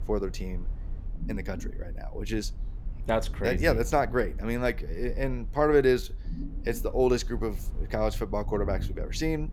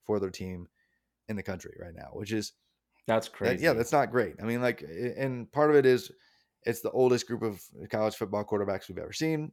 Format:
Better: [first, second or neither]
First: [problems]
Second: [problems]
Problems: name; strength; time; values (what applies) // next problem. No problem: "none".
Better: second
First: low rumble; faint; throughout; 20 dB below the speech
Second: none